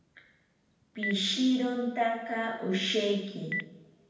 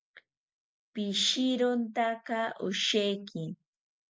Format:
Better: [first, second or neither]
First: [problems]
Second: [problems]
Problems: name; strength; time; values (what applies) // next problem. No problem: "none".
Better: second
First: background sound (Telephone); 13 dB below the speech // room echo; dies away in 0.9 s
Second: none